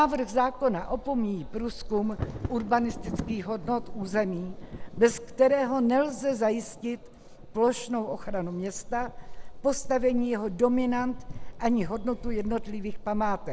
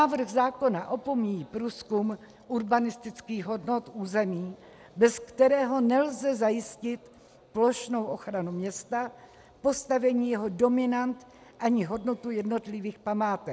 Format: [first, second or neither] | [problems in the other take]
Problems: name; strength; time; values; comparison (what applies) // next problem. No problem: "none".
second | background sound (Thunder / Wind / Bird vocalization, bird call, bird song); 8 dB below the speech